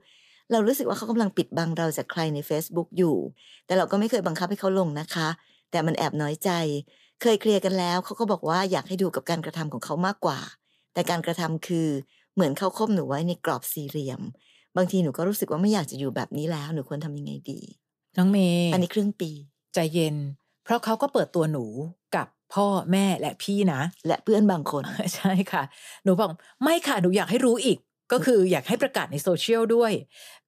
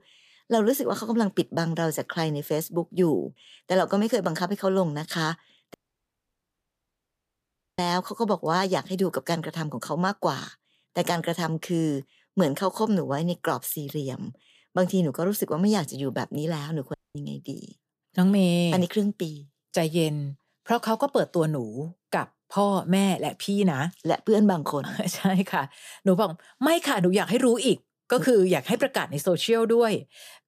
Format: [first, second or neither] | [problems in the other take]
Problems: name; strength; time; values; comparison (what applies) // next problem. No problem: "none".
first | audio cutting out; at 5.5 s for 2 s and at 17 s